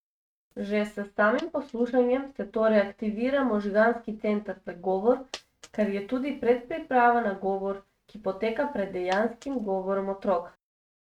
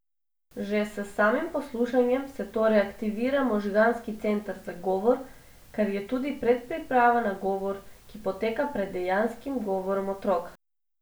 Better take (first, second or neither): second